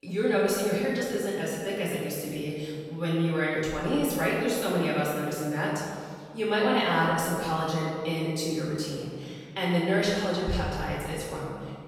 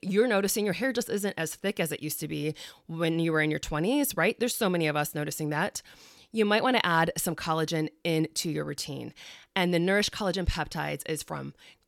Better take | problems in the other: second | room echo; strong; dies away in 1.8 s // off-mic speech; far

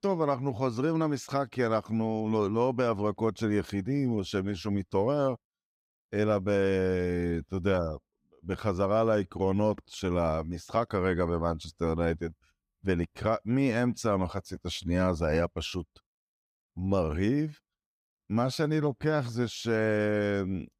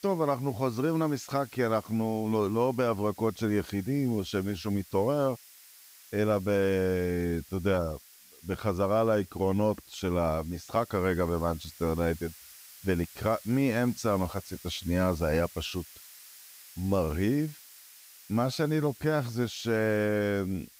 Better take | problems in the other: first | hiss; noticeable; throughout; 20 dB below the speech

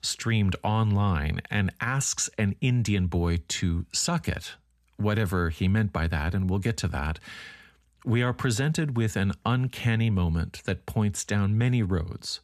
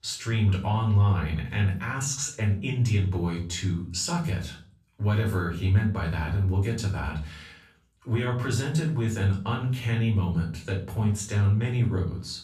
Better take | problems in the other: first | room echo; slight; dies away in 0.4 s // off-mic speech; far

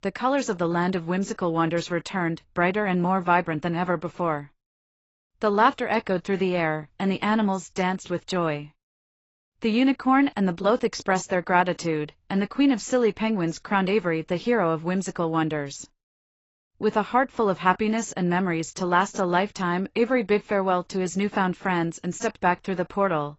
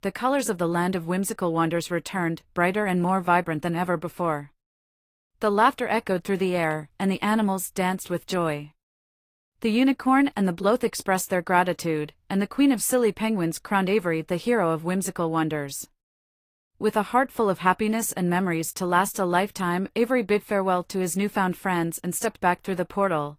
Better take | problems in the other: second | garbled, watery; badly; nothing above 8 kHz; slightly in the second

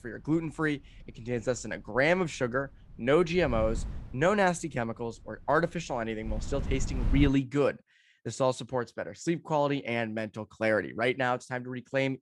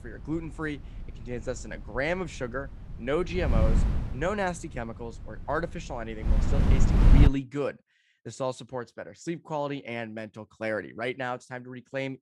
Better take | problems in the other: first | wind noise on the microphone; heavy; until 7.5 s; 3 dB below the speech; occasional gusts in the first

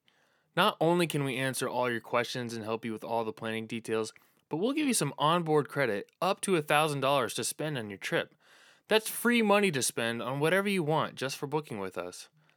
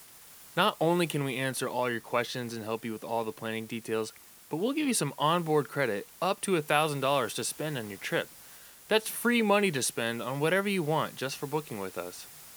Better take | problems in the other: first | hiss; noticeable; throughout; 20 dB below the speech

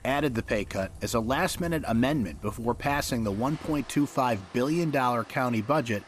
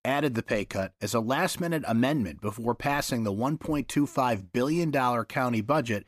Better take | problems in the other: second | rain or running water; noticeable; throughout; 20 dB below the speech

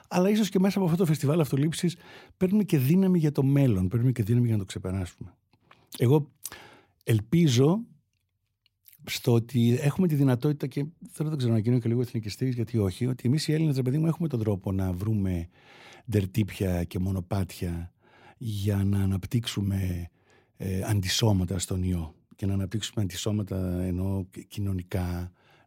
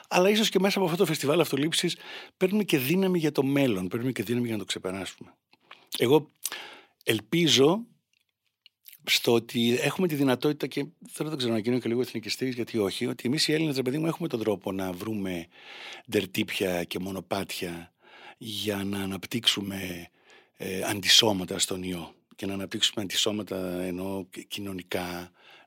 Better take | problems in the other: first | thin; somewhat; fading below 300 Hz

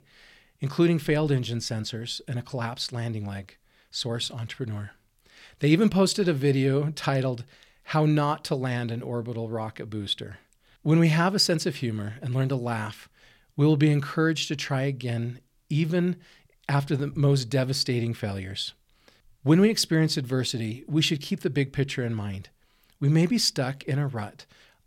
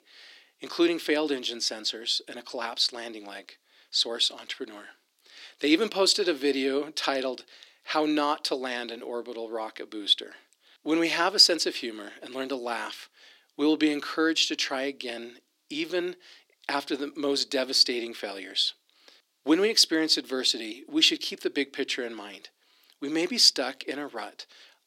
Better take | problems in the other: first | thin; somewhat; fading below 300 Hz

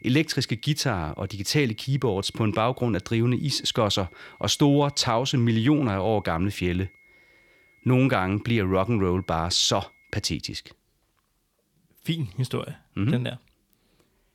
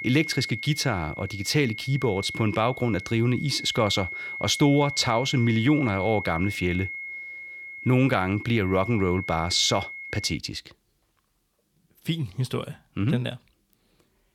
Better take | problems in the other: first | high-pitched whine; loud; until 10 s; 2 kHz, 9 dB below the speech; faint in the first

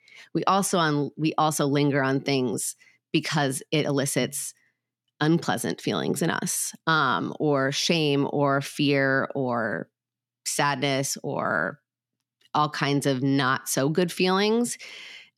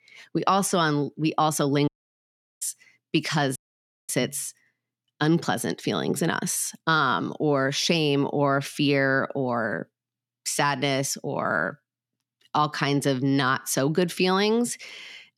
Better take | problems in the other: first | audio cutting out; at 2 s for 0.5 s and at 3.5 s for 0.5 s

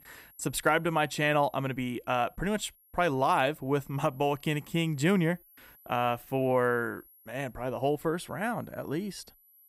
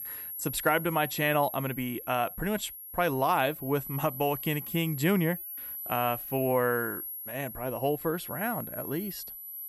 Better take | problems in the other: first | high-pitched whine; loud; throughout; 11.5 kHz, 8 dB below the speech; faint in the first

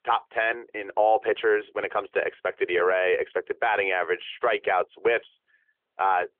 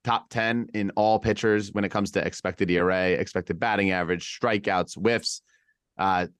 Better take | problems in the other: second | phone-call audio; nothing above 3.5 kHz

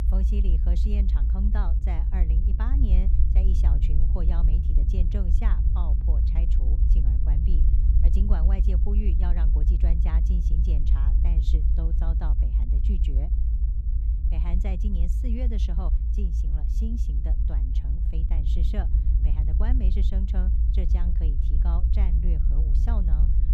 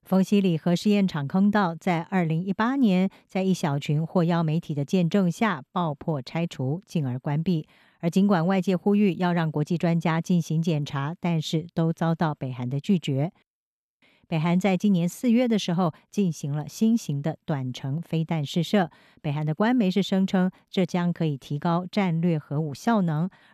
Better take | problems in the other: second | low rumble; loud; throughout; 1 dB below the speech

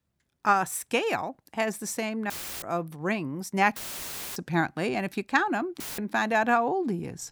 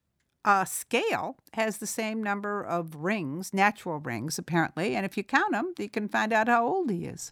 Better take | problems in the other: second | audio cutting out; filled with static; at 2.5 s, at 4 s for 0.5 s and at 6 s

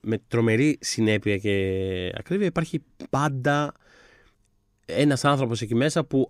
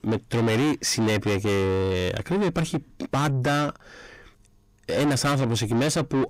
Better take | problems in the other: first | distortion; heavy; 7 dB below the speech

